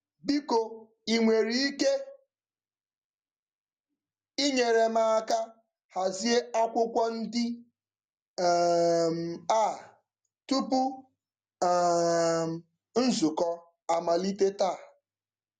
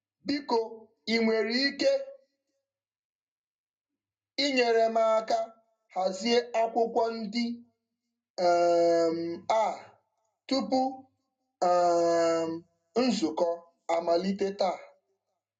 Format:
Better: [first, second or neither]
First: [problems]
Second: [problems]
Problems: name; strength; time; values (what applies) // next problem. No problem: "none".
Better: first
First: none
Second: room echo; dies away in 0.2 s